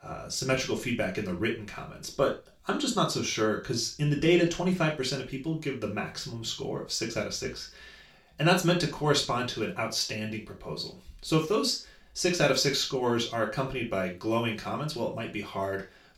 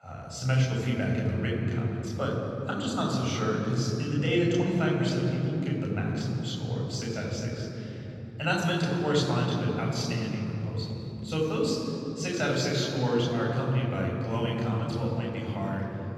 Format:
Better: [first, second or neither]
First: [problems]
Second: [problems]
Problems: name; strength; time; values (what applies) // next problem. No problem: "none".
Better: first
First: room echo; slight; dies away in 0.3 s // off-mic speech; far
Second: room echo; strong; dies away in 3 s // off-mic speech; far